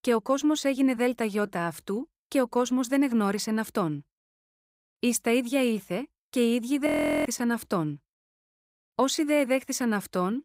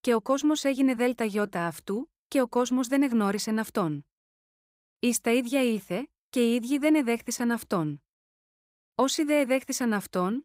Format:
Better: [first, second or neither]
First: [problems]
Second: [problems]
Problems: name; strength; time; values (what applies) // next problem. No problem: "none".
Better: second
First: audio freezing; at 7 s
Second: none